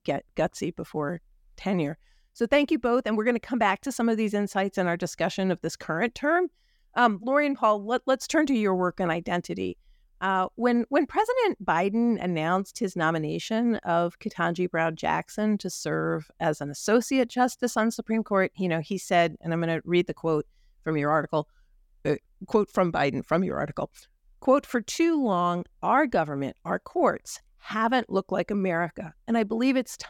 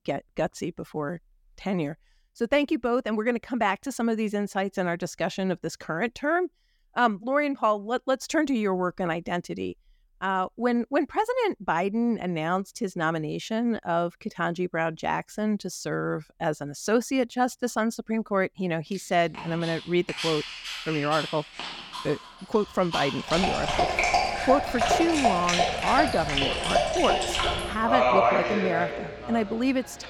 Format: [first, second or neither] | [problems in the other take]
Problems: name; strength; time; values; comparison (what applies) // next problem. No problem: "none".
first | animal sounds; very loud; from 19 s on; 1 dB above the speech